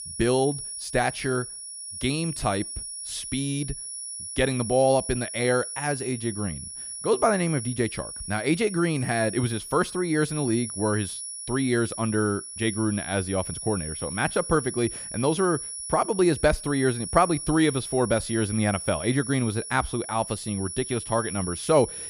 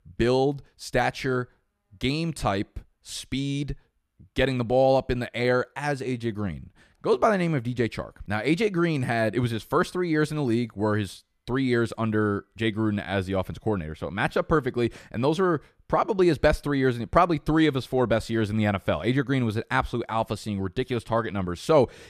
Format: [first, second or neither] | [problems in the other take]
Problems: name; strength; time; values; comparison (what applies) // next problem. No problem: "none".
second | high-pitched whine; loud; throughout; 10 kHz, 8 dB below the speech